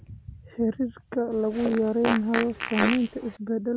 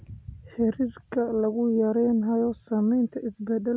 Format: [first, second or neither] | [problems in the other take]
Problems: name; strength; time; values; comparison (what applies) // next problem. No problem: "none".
second | background sound (Fart); 5 dB below the speech